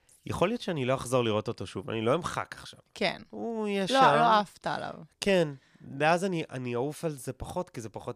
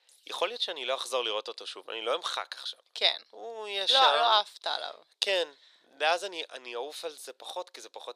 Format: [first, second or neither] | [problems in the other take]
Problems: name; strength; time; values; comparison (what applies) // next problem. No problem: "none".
first | thin; very; fading below 450 Hz